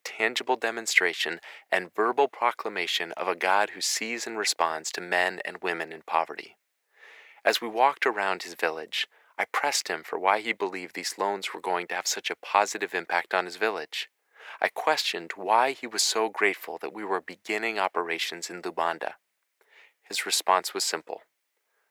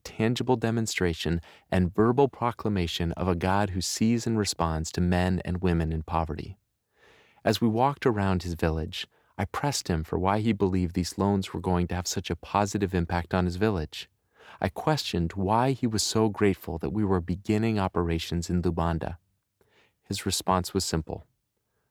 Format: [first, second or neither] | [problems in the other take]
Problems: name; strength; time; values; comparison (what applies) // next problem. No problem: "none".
second | thin; very; fading below 500 Hz